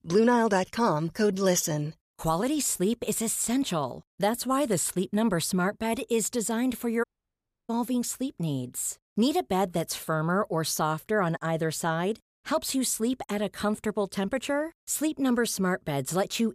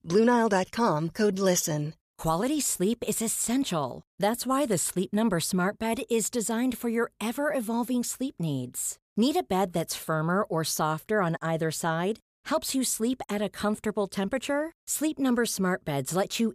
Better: second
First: audio cutting out; at 7 s for 0.5 s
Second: none

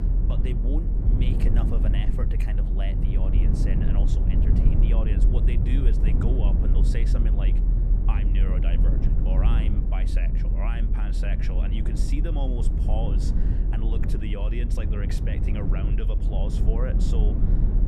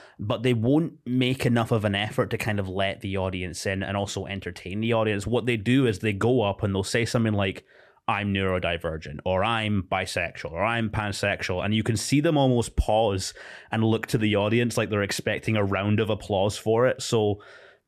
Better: second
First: low rumble; loud; throughout; as loud as the speech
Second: none

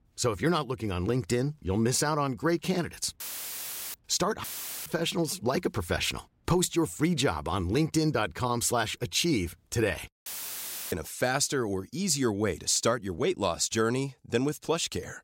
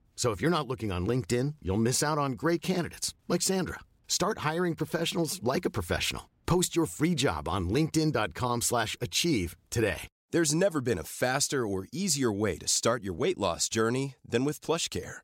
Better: second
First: audio cutting out; filled with static; at 3 s for 0.5 s, at 4.5 s and at 10 s for 0.5 s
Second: none

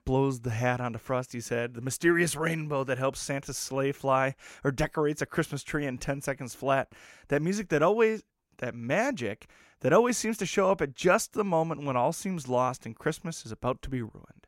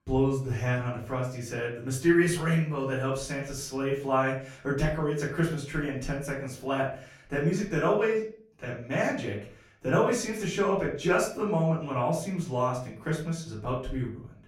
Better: first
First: none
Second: room echo; slight; dies away in 0.4 s // off-mic speech; far

